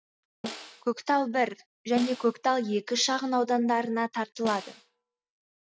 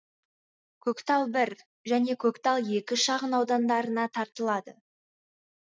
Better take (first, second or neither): second